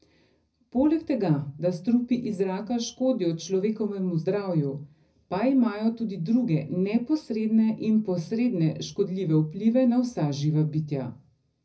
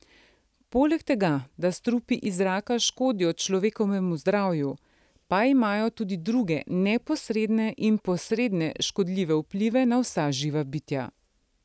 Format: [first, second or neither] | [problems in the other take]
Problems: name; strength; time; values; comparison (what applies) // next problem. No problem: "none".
second | room echo; dies away in 0.4 s